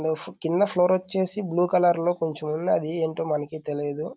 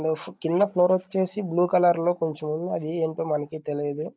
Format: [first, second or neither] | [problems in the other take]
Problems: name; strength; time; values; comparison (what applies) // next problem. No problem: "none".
first | noise reduction (neural mask model DeepFilterNet 3)